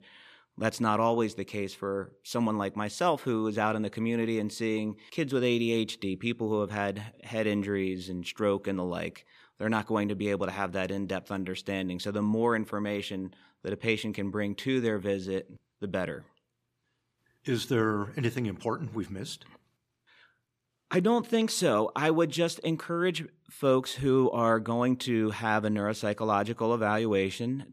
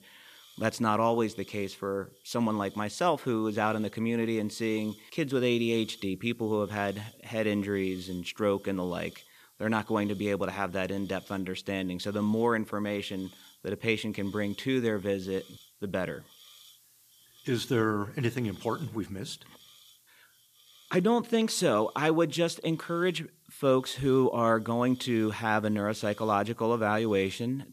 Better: first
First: none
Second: hiss; faint; throughout; 25 dB below the speech

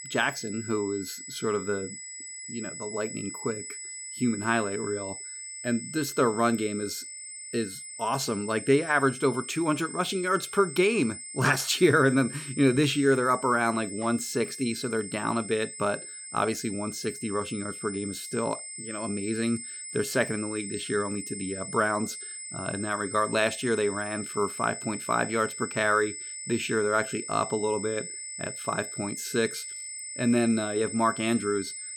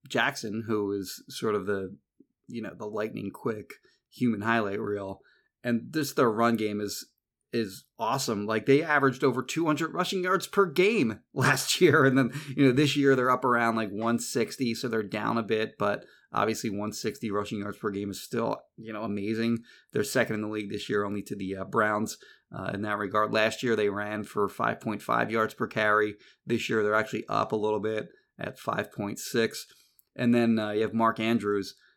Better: second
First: high-pitched whine; loud; throughout; 8 kHz, 9 dB below the speech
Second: none

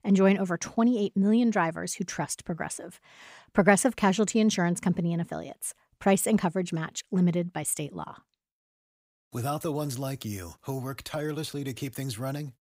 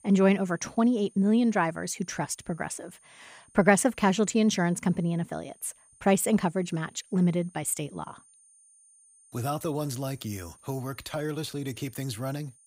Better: first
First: none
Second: high-pitched whine; faint; throughout; 9 kHz, 30 dB below the speech

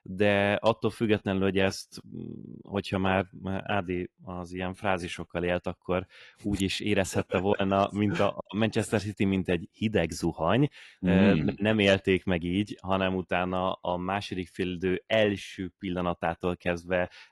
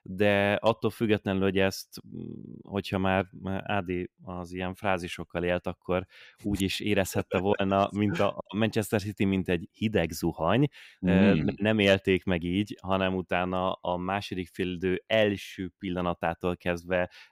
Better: second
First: garbled, watery; slightly; nothing above 11.5 kHz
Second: none

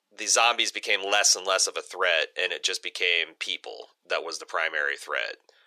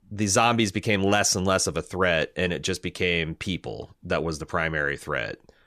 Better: second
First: thin; very; fading below 450 Hz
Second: none

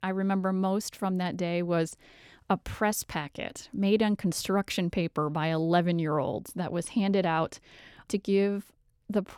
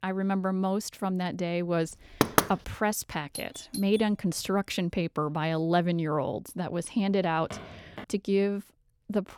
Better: first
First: none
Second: door banging; loud; at 2 s; peak 4 dB above the speech // doorbell; faint; at 3.5 s; peak 10 dB below the speech // footsteps; faint; at 7.5 s; peak 15 dB below the speech

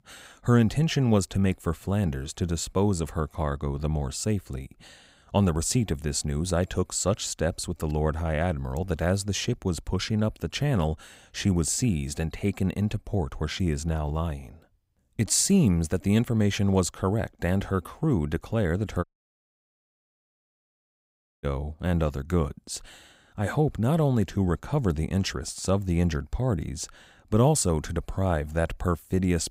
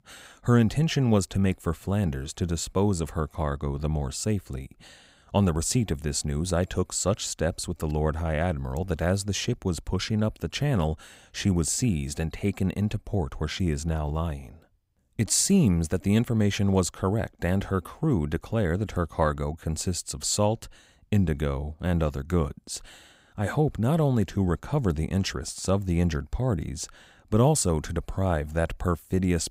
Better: second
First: audio cutting out; at 19 s for 2.5 s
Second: none

